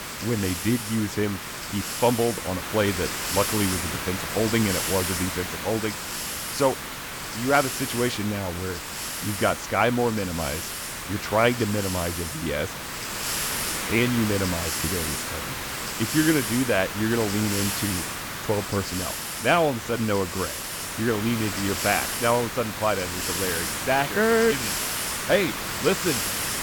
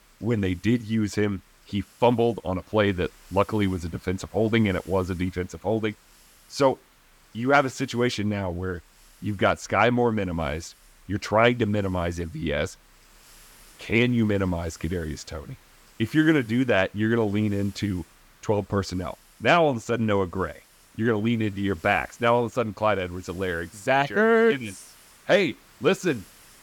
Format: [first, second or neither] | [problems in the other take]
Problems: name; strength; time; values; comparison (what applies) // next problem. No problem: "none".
second | hiss; loud; throughout; 3 dB below the speech; faint in the second